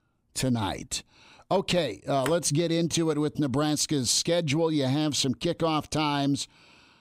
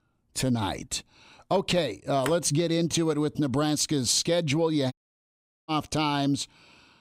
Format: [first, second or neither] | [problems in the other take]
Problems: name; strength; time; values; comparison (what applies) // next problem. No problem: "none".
first | audio cutting out; at 5 s for 1 s